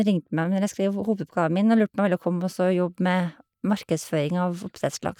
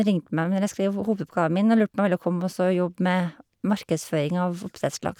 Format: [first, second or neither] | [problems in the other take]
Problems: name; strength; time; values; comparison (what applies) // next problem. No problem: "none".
second | noise reduction (neural mask model DeepFilterNet 3)